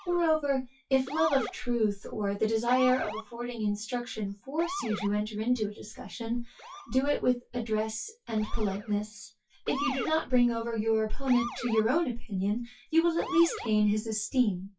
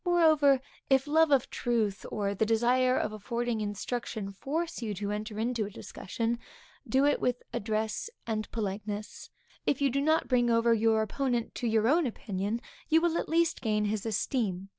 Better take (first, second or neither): second